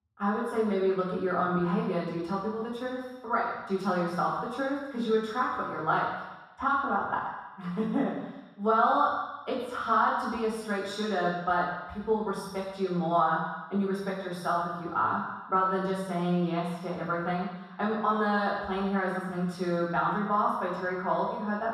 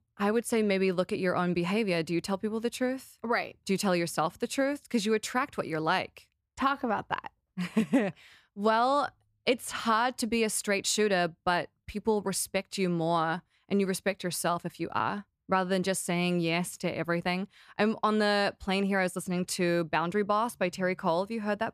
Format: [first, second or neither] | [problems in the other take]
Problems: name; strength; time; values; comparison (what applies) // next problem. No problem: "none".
second | room echo; strong; dies away in 1.2 s // off-mic speech; far